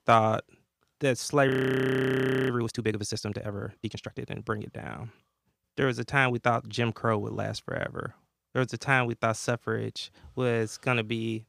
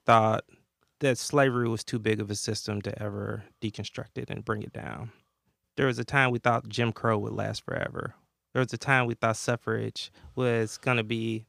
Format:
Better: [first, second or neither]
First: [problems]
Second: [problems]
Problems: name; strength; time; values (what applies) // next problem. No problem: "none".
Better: second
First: audio freezing; at 1.5 s for 1 s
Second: none